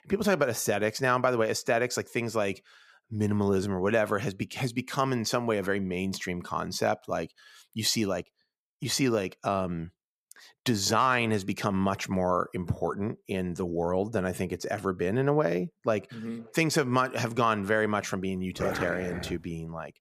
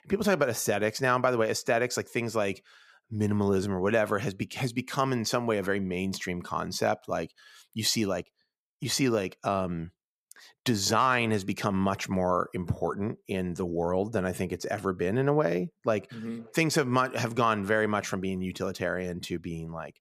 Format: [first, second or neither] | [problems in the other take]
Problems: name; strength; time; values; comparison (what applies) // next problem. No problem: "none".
second | dog barking; noticeable; at 19 s; peak 4 dB below the speech